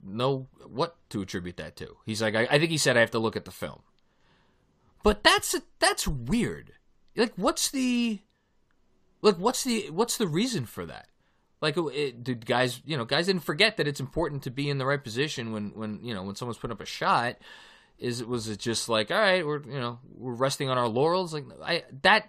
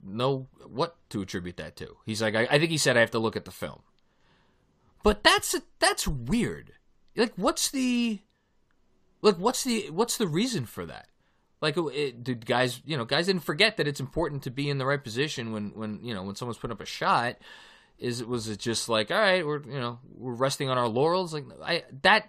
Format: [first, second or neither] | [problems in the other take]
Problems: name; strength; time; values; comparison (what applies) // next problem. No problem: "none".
neither | none